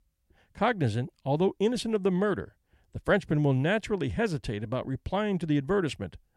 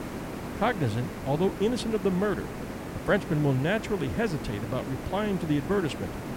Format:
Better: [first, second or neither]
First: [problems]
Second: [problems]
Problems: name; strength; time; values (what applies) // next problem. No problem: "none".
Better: first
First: none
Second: hiss; loud; throughout; 8 dB below the speech